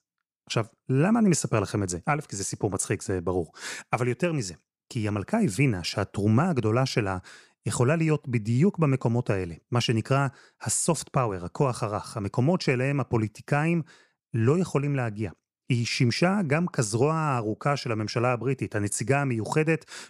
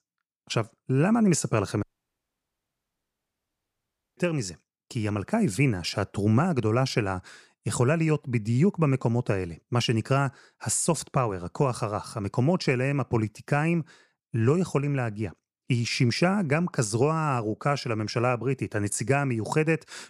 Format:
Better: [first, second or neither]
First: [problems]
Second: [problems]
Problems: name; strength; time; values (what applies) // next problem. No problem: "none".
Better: first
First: none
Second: audio cutting out; at 2 s for 2.5 s